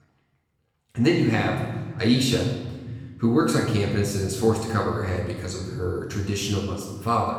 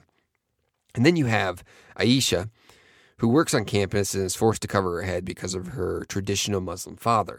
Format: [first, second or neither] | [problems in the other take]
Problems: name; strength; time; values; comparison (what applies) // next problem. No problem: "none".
second | off-mic speech; far // room echo; noticeable; dies away in 1.8 s